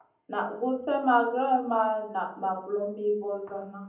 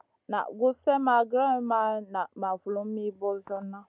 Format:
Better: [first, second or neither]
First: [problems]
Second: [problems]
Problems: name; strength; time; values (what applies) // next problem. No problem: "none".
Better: second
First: room echo; dies away in 0.6 s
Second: none